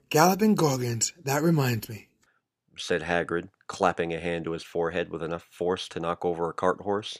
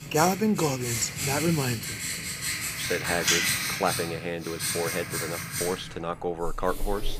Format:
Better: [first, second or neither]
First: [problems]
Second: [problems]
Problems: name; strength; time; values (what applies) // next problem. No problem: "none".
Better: first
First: none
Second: household noises; very loud; throughout; as loud as the speech